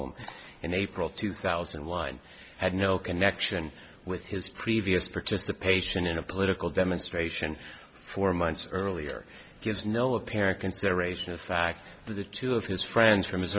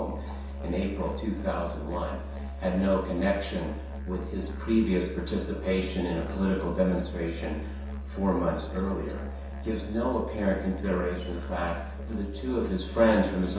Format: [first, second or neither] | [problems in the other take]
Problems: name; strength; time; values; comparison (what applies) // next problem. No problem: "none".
first | background sound (Musical instrument); 7 dB below the speech // room echo; dies away in 0.7 s